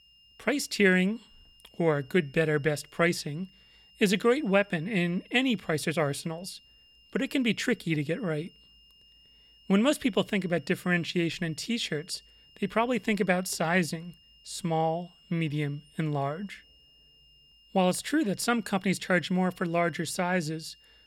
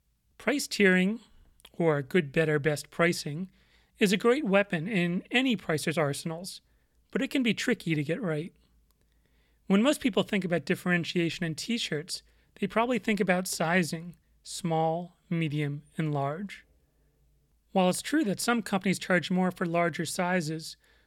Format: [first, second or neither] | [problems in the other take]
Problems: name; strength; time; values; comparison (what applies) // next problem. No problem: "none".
second | high-pitched whine; faint; throughout; 3 kHz, 30 dB below the speech